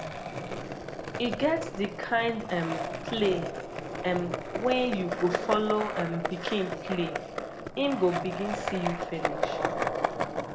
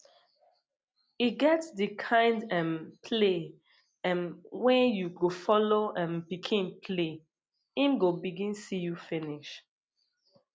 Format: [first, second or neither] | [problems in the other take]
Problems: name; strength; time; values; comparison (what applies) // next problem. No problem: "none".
second | background sound (Skateboard); 2 dB below the speech // room echo; dies away in 0.5 s